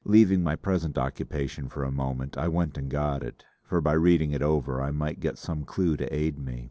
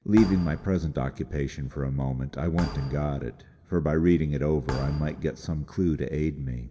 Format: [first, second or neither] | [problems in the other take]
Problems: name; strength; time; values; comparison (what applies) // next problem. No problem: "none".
first | background sound (Thump, thud); 14 dB below the speech // room echo; dies away in 1.3 s